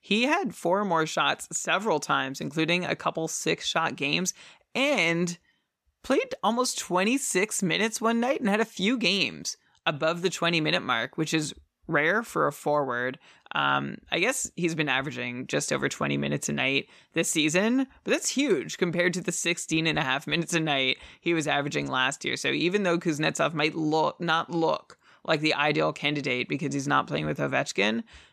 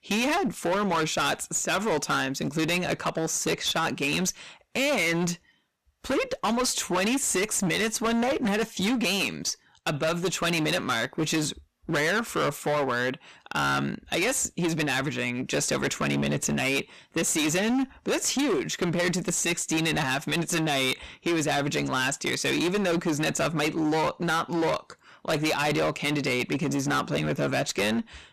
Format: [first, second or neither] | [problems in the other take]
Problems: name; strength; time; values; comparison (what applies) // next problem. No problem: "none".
first | distortion; heavy; 22% of the sound clipped